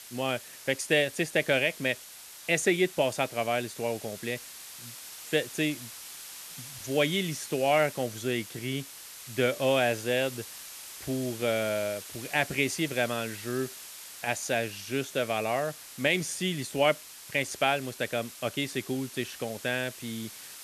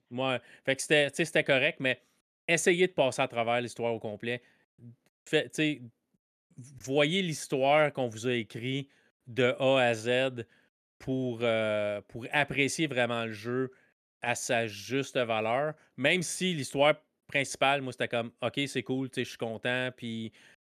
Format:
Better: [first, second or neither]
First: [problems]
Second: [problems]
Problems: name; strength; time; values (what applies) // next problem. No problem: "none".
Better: second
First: hiss; noticeable; throughout; 15 dB below the speech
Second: none